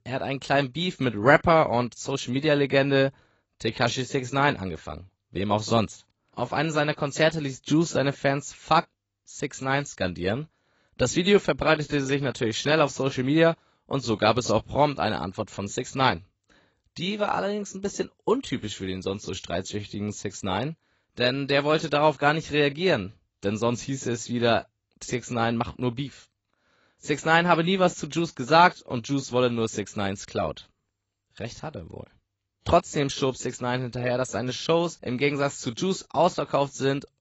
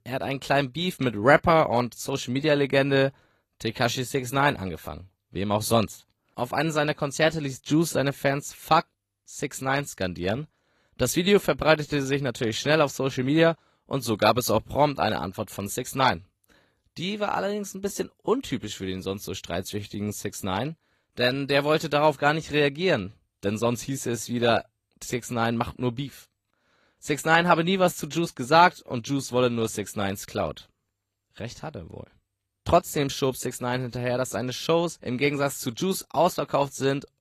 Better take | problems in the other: second | garbled, watery; badly; nothing above 7.5 kHz; slightly in the second

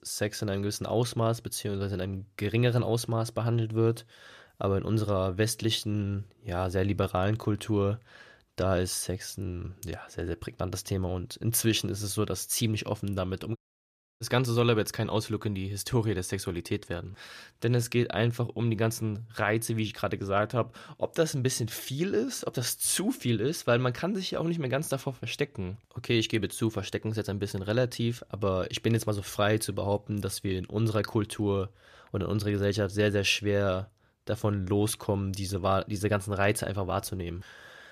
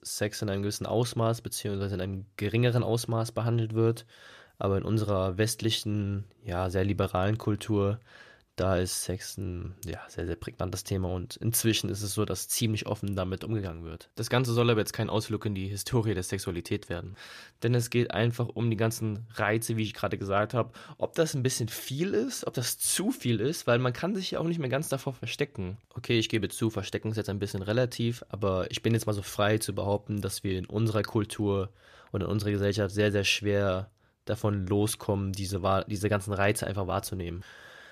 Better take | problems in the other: second | audio cutting out; at 14 s for 0.5 s

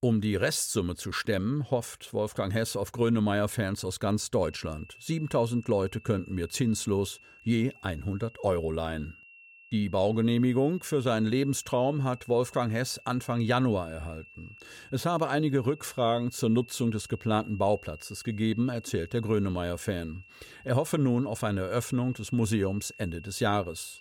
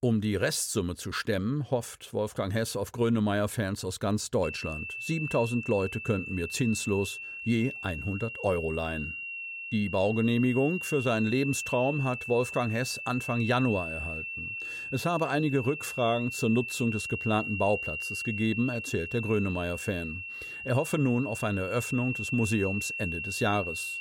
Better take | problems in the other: first | high-pitched whine; loud; from 4.5 s on; 2.5 kHz, 6 dB below the speech; faint in the first

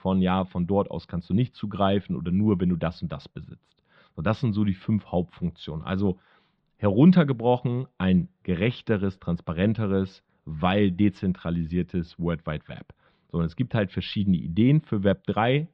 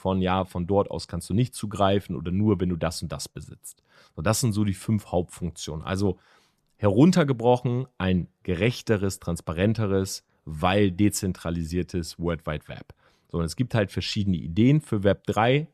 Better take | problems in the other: second | muffled; slightly; fading above 4 kHz

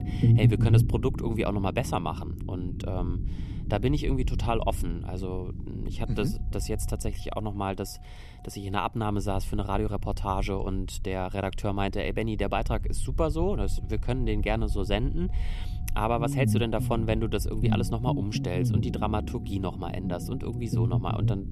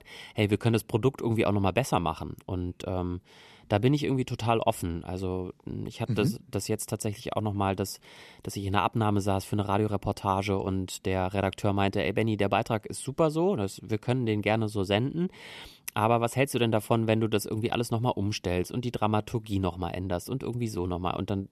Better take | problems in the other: second | low rumble; loud; throughout; 9 dB below the speech

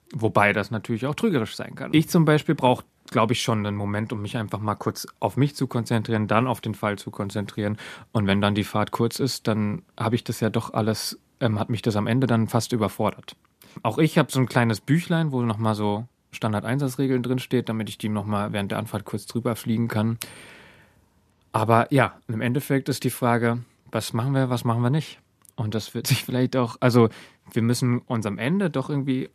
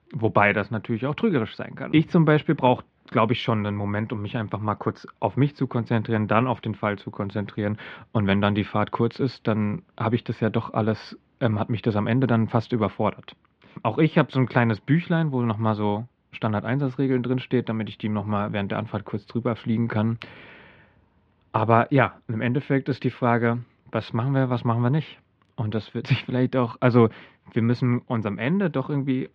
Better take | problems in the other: first | muffled; slightly; fading above 3 kHz

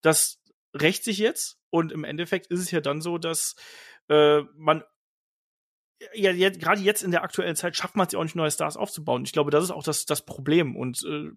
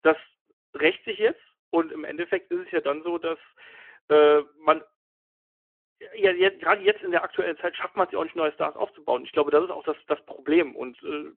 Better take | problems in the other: first | phone-call audio

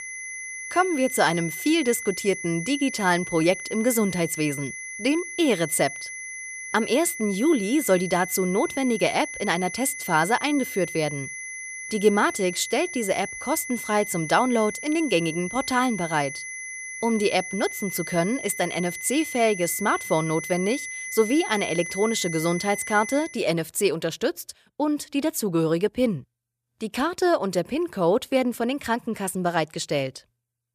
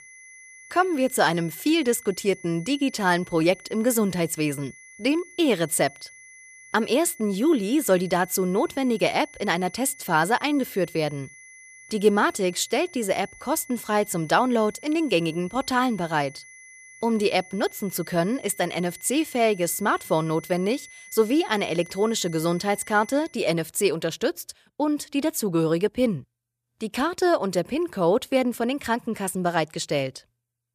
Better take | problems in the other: second | high-pitched whine; loud; until 23 s; 2 kHz, 9 dB below the speech; faint in the second

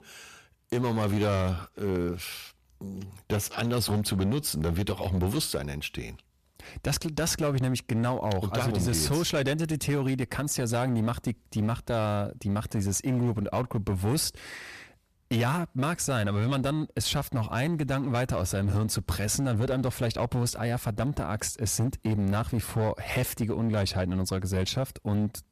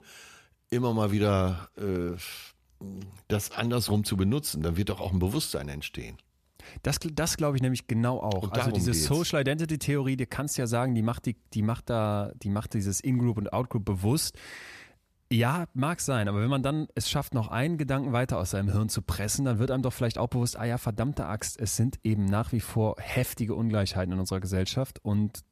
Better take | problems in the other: second | distortion; slight; 12% of the sound clipped

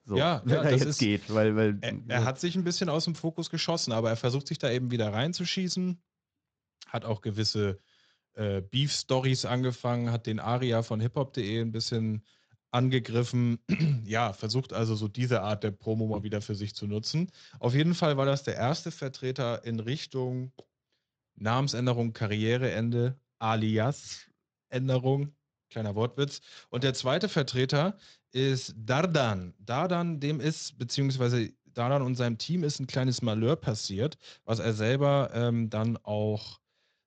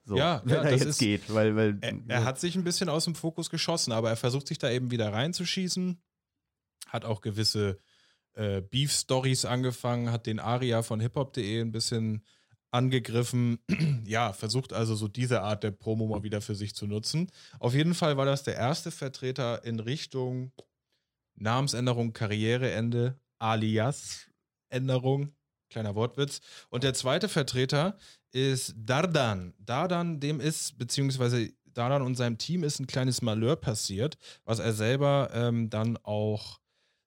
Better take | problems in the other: second | garbled, watery; slightly; nothing above 7.5 kHz

